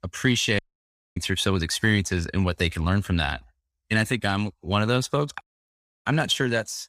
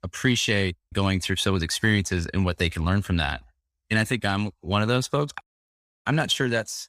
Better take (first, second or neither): second